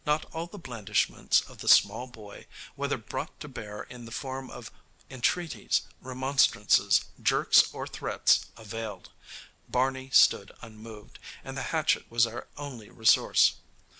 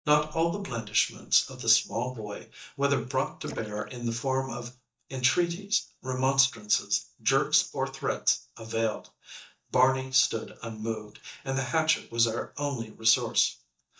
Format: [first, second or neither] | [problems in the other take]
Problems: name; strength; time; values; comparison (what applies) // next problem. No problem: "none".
first | noise reduction (neural mask model DeepFilterNet 3)